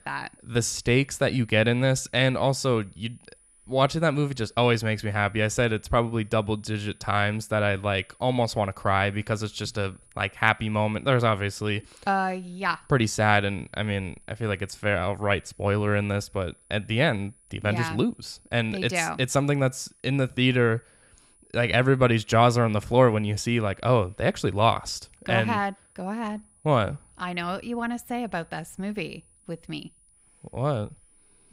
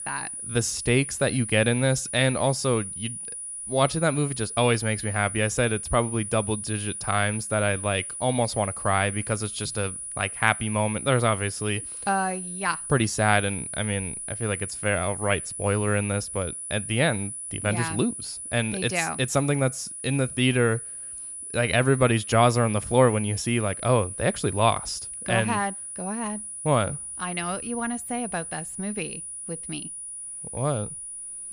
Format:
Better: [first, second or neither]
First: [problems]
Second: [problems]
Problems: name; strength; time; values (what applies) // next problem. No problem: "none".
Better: first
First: high-pitched whine; faint; throughout; 9.5 kHz, 30 dB below the speech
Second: high-pitched whine; loud; throughout; 9.5 kHz, 7 dB below the speech